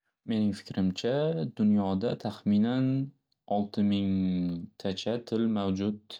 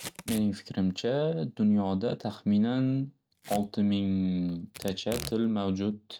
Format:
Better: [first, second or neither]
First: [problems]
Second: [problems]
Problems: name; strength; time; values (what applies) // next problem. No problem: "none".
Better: first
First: none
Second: background sound (Packing tape, duct tape / Tearing); 18 dB below the speech